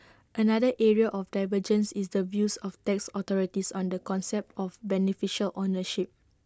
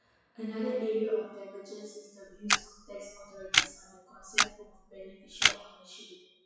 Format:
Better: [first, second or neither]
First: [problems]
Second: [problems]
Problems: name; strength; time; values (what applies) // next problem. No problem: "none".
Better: first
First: none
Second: noise reduction (classical method WPE with log-MMSE)